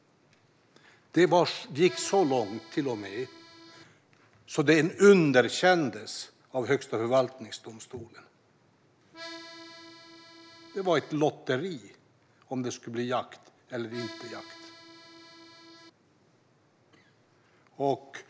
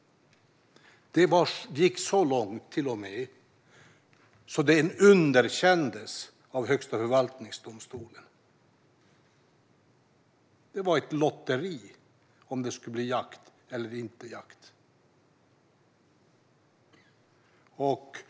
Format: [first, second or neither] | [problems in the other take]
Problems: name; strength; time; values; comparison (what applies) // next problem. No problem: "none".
second | background sound (Accordion); 18 dB below the speech